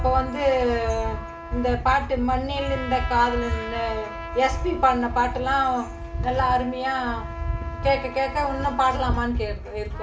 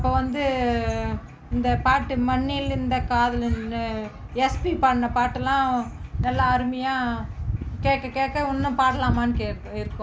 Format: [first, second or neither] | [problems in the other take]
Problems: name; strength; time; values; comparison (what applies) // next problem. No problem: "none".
second | background sound (Trumpet); 14 dB below the speech // room echo; dies away in 0.4 s